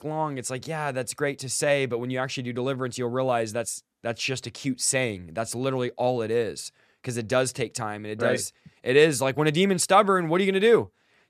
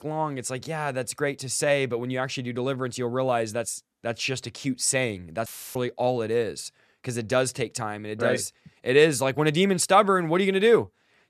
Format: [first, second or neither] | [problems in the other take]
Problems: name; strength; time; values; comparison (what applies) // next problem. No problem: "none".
first | audio cutting out; filled with static; at 5.5 s